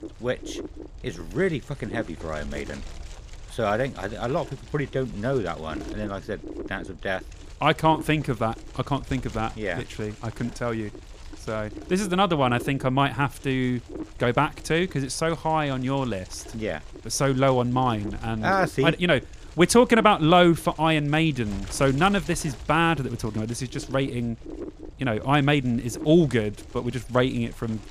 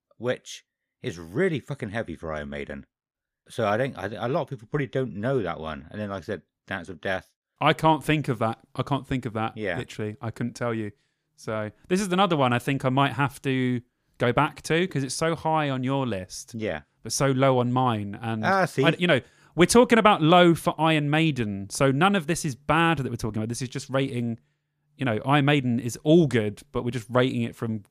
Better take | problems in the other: second | wind noise on the microphone; occasional gusts; 20 dB below the speech

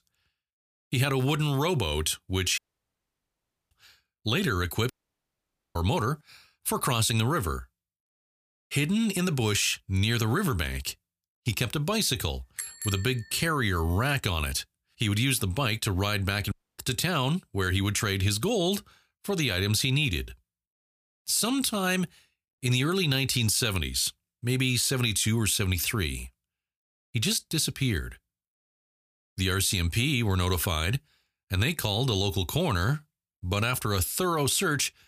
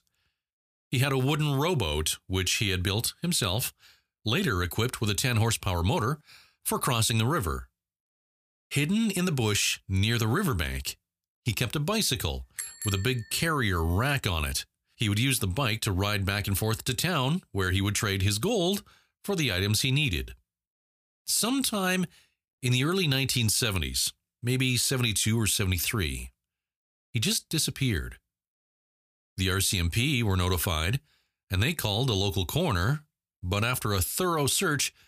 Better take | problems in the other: second | audio cutting out; at 2.5 s for 1 s, at 5 s for 1 s and at 17 s

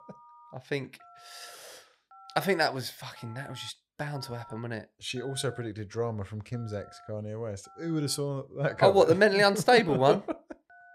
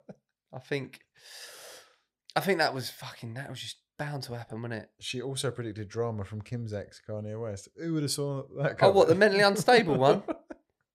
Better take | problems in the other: second | alarms or sirens; faint; throughout; 25 dB below the speech

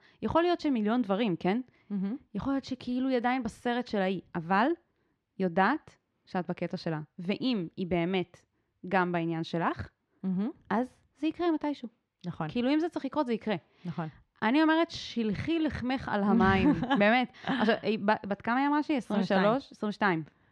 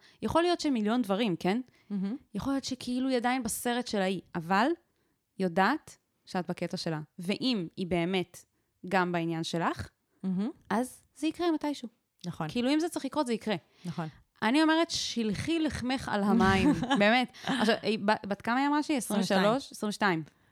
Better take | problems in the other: second | muffled; slightly; fading above 3 kHz

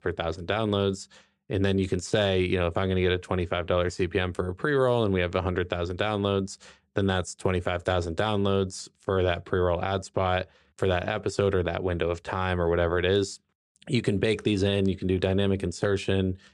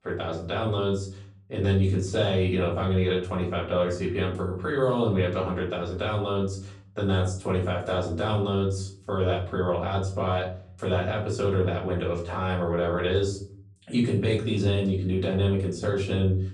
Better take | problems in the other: first | off-mic speech; far // room echo; slight; dies away in 0.5 s

